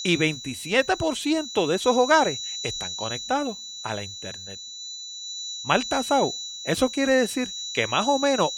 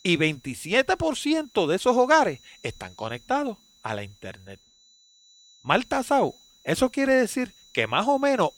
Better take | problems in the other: second | high-pitched whine; loud; throughout; 4 kHz, 8 dB below the speech; faint in the second

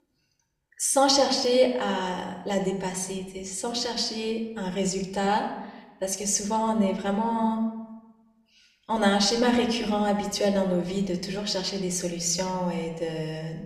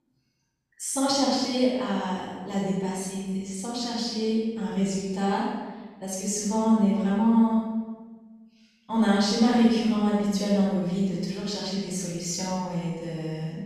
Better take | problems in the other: first | room echo; strong; dies away in 1.2 s; slight in the first // off-mic speech; far; somewhat distant in the first

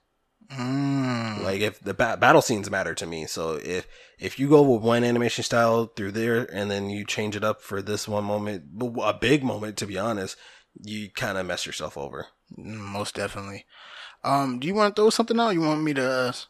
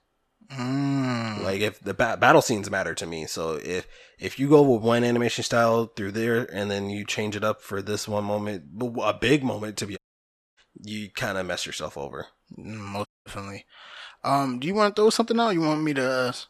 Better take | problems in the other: first | audio cutting out; at 10 s for 0.5 s and at 13 s

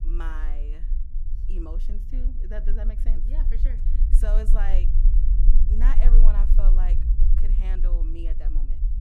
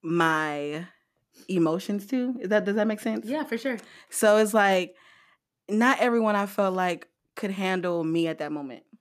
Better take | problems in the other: second | low rumble; loud; throughout; 7 dB below the speech

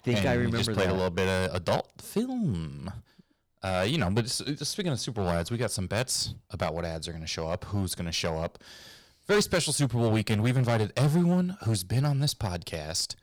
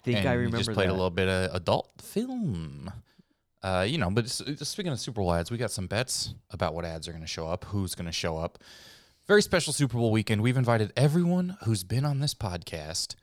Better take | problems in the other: second | distortion; slight; 5% of the sound clipped

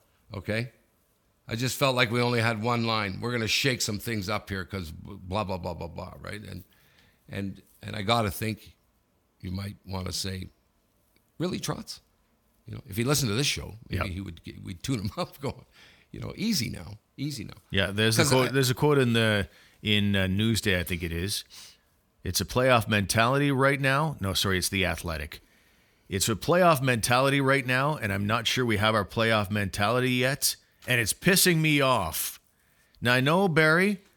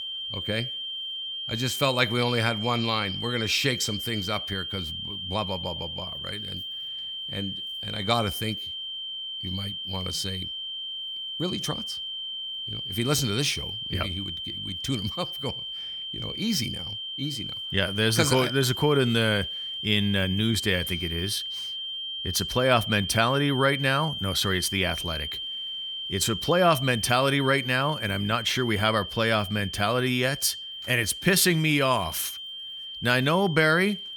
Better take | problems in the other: first | high-pitched whine; loud; throughout; 3 kHz, 6 dB below the speech

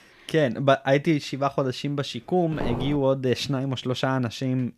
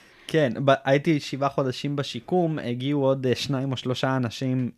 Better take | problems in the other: second | footsteps; noticeable; at 2.5 s; peak 6 dB below the speech

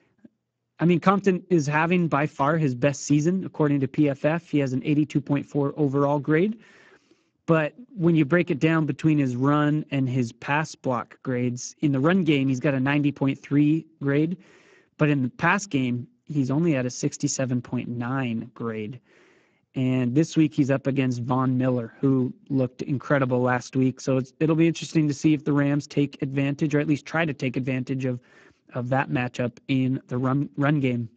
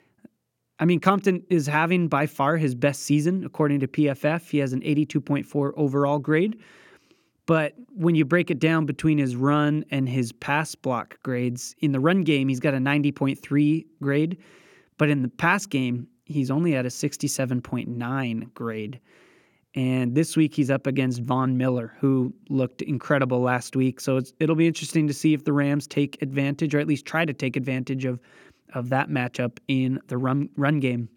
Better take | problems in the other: second | garbled, watery; badly

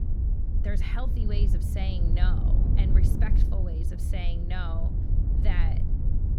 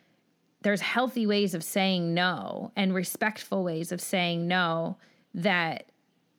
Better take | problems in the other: second | wind noise on the microphone; heavy; 3 dB below the speech

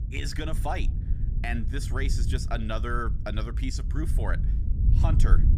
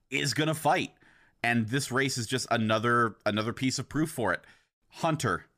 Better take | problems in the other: second | low rumble; noticeable; throughout; 10 dB below the speech

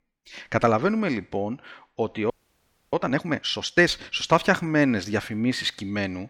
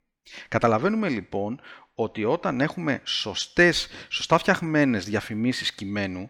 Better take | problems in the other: second | audio freezing; at 2.5 s for 0.5 s

